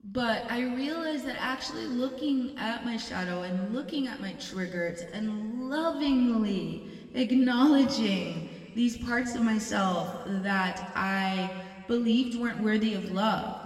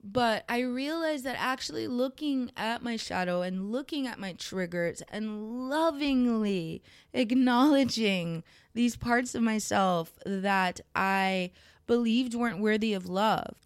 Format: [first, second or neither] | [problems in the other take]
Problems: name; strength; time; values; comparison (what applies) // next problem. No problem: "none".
second | room echo; slight; dies away in 2.1 s // off-mic speech; somewhat distant